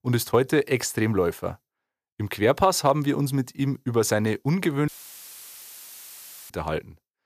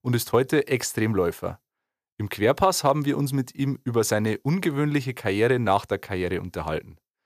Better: second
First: audio cutting out; filled with static; at 5 s for 1.5 s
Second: none

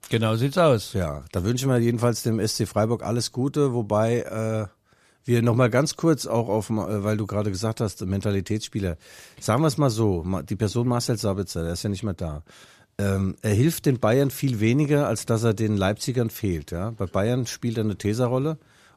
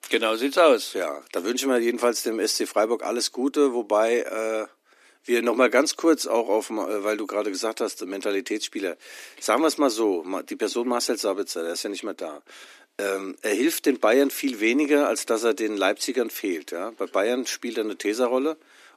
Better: first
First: none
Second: thin; somewhat; fading below 250 Hz

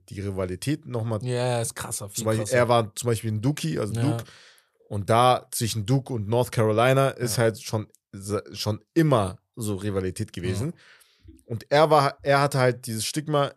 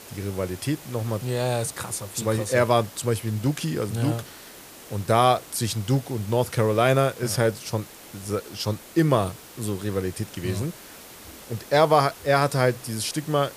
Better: first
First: none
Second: hiss; noticeable; throughout; 20 dB below the speech

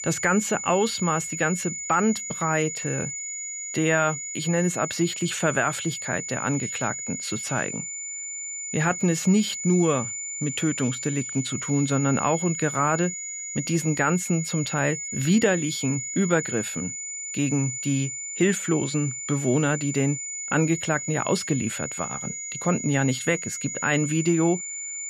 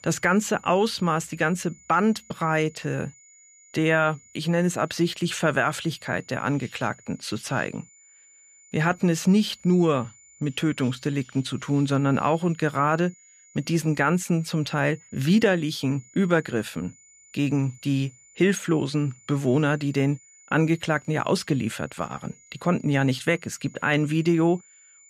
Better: second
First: high-pitched whine; loud; throughout; 7 kHz, 5 dB below the speech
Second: high-pitched whine; faint; throughout; 7 kHz, 25 dB below the speech

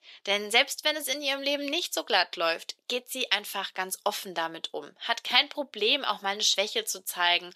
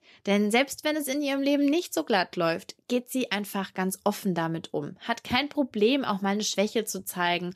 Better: second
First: thin; somewhat; fading below 600 Hz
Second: none

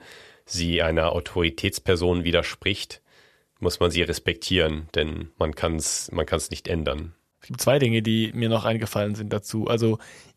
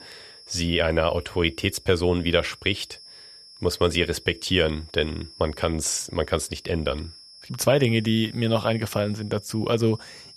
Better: first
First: none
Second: high-pitched whine; faint; throughout; 5.5 kHz, 20 dB below the speech

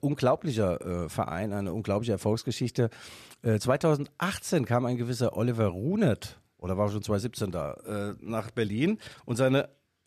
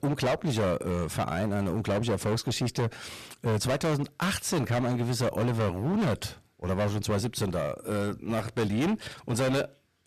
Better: first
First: none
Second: distortion; heavy; 20% of the sound clipped

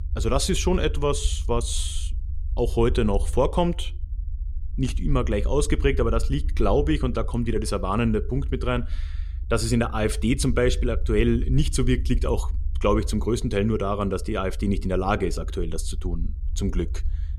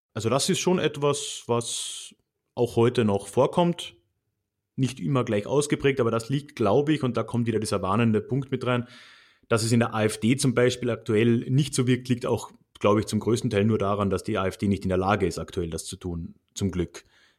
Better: second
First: low rumble; faint; throughout; 25 dB below the speech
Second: none

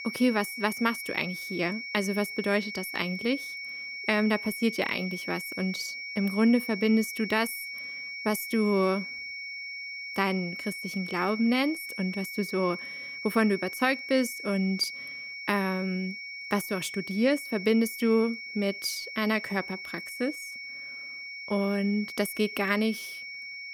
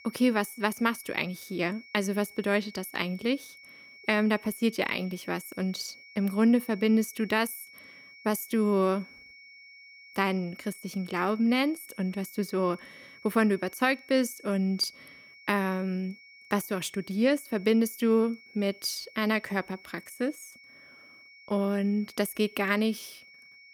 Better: second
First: high-pitched whine; loud; throughout; 2 kHz, 8 dB below the speech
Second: high-pitched whine; faint; throughout; 2 kHz, 20 dB below the speech

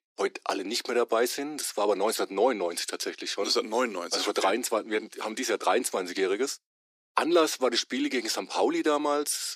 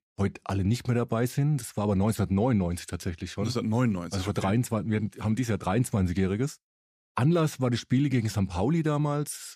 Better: second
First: thin; very; fading below 300 Hz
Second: none

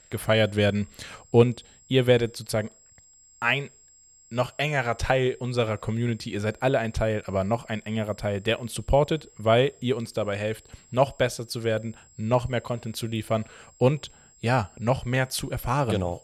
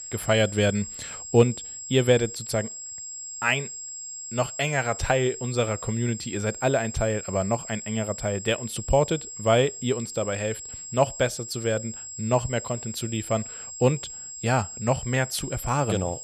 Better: first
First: high-pitched whine; faint; throughout; 7.5 kHz, 30 dB below the speech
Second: high-pitched whine; loud; throughout; 7.5 kHz, 9 dB below the speech

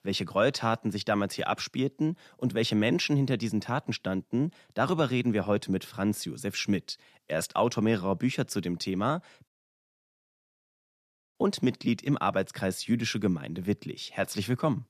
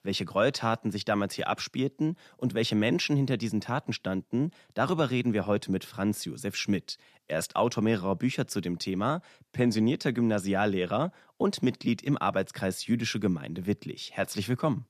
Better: second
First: audio cutting out; at 9.5 s for 2 s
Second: none

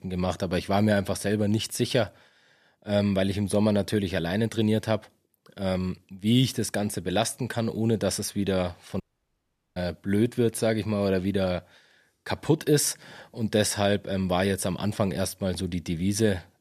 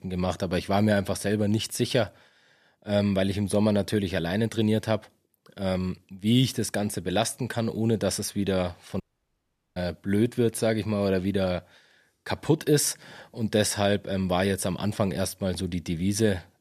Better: neither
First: audio cutting out; at 9 s for 1 s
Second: audio cutting out; at 9 s for 1 s

